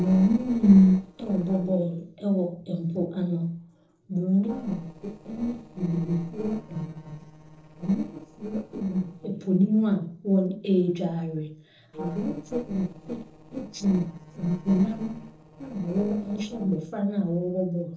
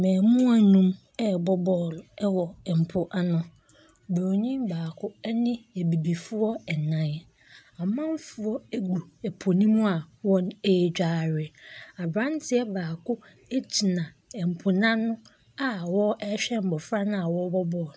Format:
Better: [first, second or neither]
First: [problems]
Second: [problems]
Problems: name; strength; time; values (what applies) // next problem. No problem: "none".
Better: second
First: noise reduction (neural separator model SepFormer DNS4)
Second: none